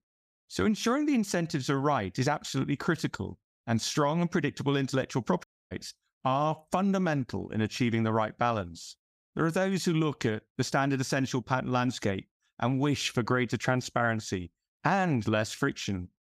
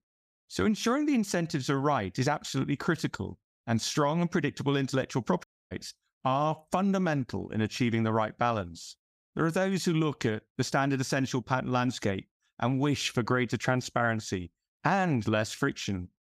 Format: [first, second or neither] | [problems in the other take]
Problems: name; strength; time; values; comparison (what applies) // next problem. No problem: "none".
neither | audio cutting out; at 5.5 s; the same in both